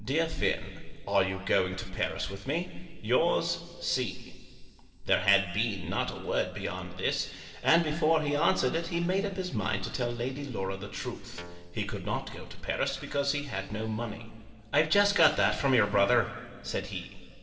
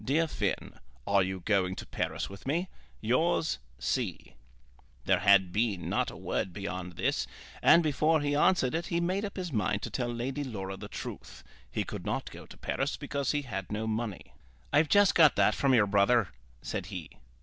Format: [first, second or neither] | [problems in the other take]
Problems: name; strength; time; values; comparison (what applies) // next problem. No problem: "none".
second | background sound (Guitar); 18 dB below the speech // room echo; dies away in 2.6 s